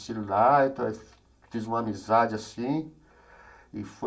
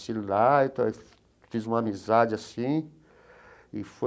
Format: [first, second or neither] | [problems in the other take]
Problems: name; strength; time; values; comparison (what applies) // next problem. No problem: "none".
second | room echo; dies away in 0.2 s